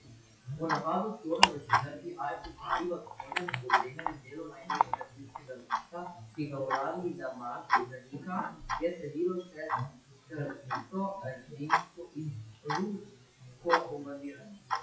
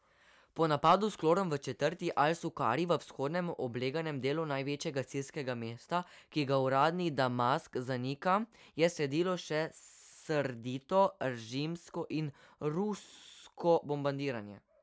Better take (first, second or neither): second